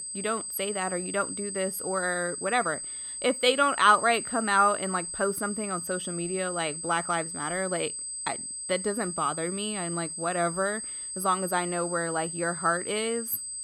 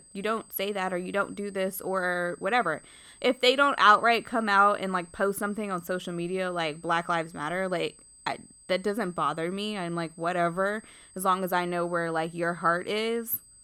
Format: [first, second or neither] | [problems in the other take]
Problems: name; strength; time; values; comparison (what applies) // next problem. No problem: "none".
second | high-pitched whine; loud; throughout; 8 kHz, 5 dB below the speech; faint in the second